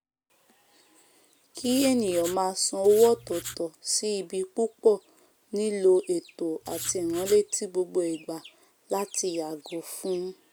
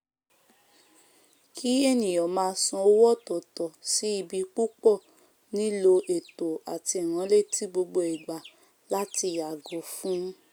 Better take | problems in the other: second | background sound (Writing); 13 dB below the speech

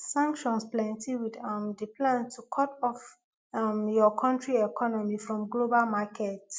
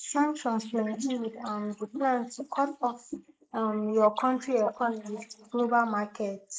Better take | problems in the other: first | noise reduction (neural mask model Resemble Enhance denoiser)

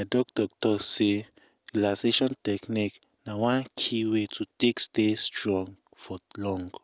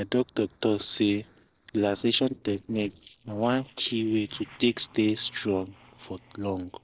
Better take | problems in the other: first | noise reduction (neural separator model SepFormer DNS4)

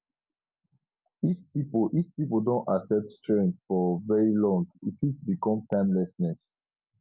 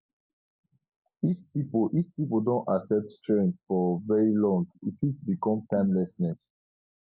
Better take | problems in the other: first | noise reduction (neural mask model Resemble Enhance denoiser)

